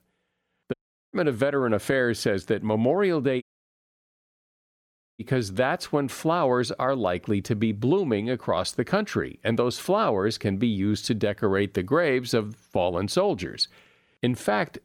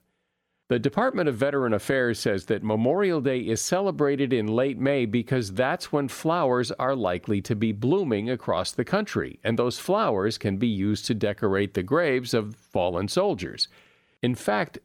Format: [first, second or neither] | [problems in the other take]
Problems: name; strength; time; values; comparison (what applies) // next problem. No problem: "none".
second | audio cutting out; at 0.5 s and at 3.5 s for 2 s